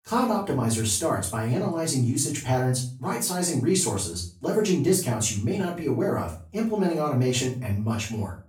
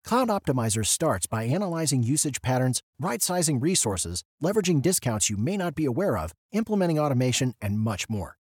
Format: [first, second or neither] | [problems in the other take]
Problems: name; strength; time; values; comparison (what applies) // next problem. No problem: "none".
second | off-mic speech; far // room echo; slight; dies away in 0.3 s